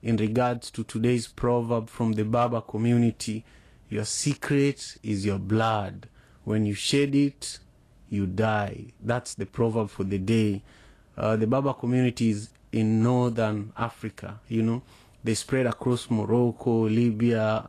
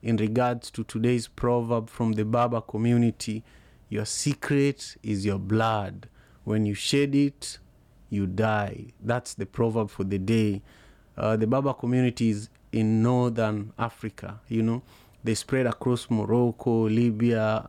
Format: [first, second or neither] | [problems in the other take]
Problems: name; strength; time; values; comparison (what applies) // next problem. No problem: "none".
second | garbled, watery; slightly